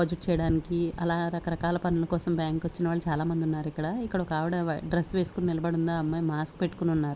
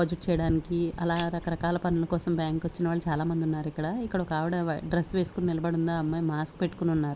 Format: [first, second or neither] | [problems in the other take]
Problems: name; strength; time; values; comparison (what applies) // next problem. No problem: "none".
first | background sound (Scissors); 16 dB below the speech